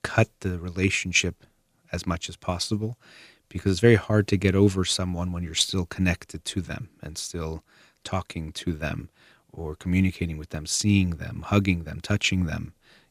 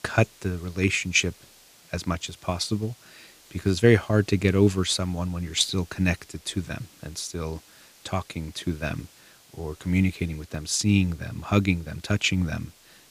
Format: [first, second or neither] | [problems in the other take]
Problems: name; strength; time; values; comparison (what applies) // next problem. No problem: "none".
first | hiss; faint; throughout; 25 dB below the speech